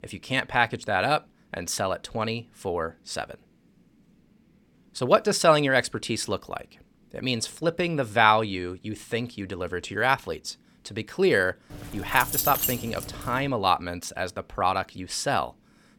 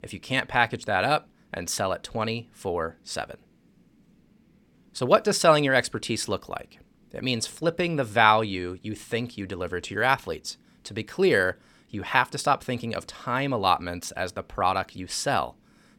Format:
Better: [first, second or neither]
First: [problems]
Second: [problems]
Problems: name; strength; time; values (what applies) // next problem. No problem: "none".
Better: second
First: jangling keys; loud; from 12 to 13 s; peak 2 dB above the speech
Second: none